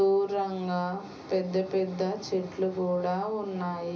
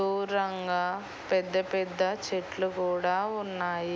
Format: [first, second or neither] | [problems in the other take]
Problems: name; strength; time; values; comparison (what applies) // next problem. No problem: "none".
second | room echo; dies away in 0.5 s